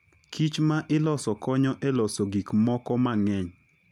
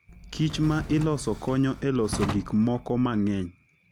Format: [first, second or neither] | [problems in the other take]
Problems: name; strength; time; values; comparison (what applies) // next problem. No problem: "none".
first | background sound (Drawer open or close); 11 dB below the speech